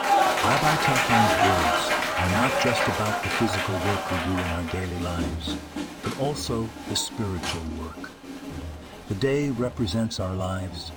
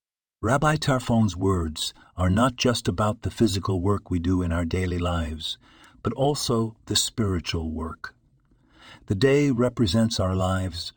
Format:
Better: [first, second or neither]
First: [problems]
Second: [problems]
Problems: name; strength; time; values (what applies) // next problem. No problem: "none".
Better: second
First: crowd noise; very loud; throughout; 3 dB above the speech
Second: none